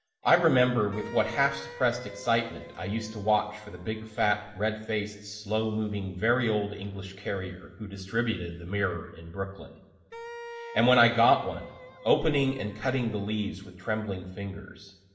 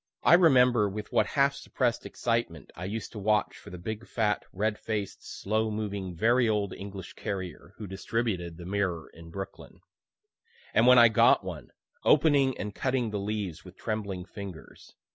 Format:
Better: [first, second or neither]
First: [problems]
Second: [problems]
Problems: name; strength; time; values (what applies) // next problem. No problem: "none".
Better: second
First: background sound (Wind instrument, woodwind instrument); 16 dB below the speech // room echo; dies away in 2 s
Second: none